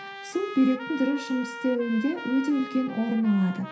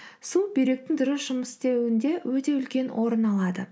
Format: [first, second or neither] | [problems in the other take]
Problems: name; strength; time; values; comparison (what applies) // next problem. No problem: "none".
second | background sound (Trumpet); 13 dB below the speech // room echo; dies away in 0.5 s